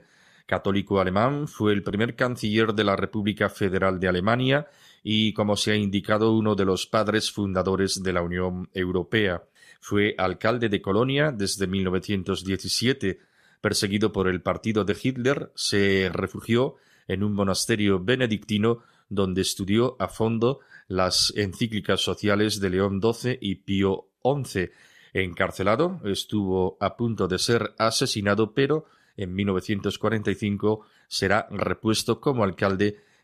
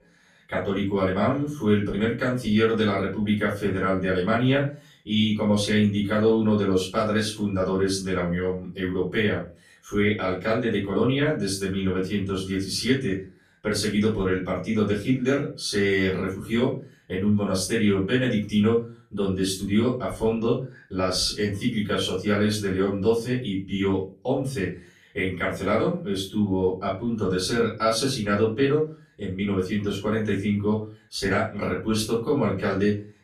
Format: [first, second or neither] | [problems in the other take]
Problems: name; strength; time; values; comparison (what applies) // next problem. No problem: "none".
first | off-mic speech; far // room echo; slight; dies away in 0.3 s